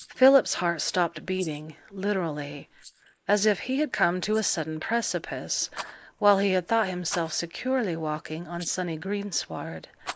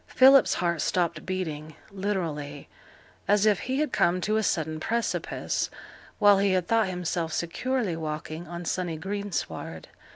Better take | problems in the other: second | noise reduction (neural mask model Resemble Enhance denoiser)

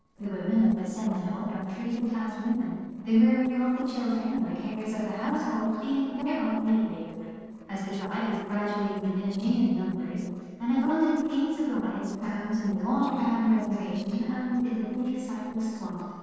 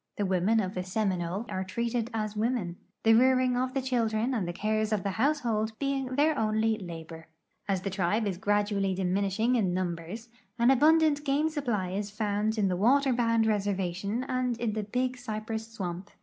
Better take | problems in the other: second | noise reduction (neural separator model SepFormer DNS4)

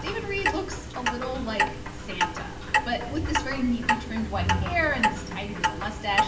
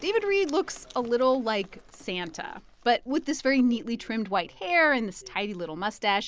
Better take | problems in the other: second | background sound (Clock); 2 dB above the speech // room echo; dies away in 0.9 s

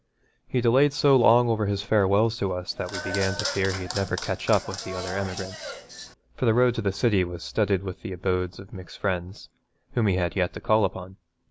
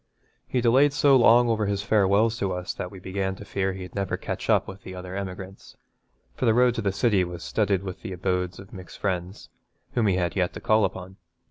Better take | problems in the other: second | background sound (Applause / Clapping); 9 dB below the speech

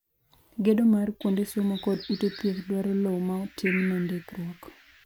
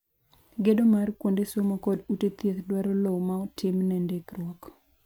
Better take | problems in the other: second | background sound (Bird); 14 dB below the speech

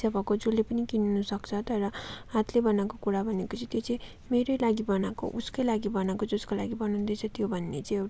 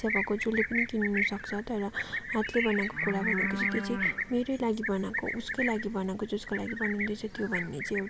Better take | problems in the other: first | background sound (Livestock, farm animals, working animals); 2 dB below the speech

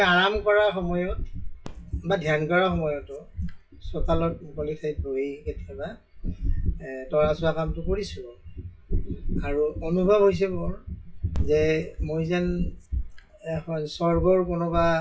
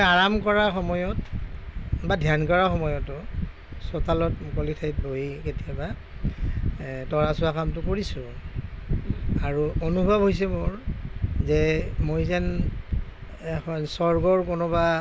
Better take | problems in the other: second | noise reduction (classical method WPE with log-MMSE)

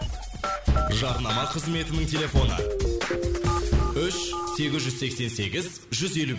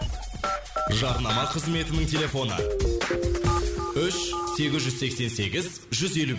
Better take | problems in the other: second | background sound (Bass drum); 1 dB below the speech

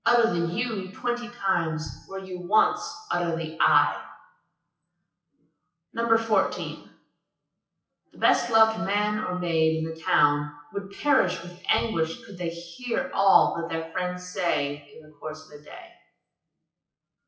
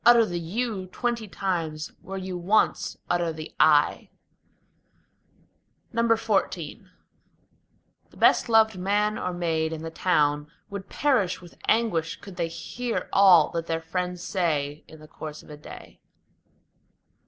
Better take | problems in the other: second | noise reduction (classical method WPE with log-MMSE)

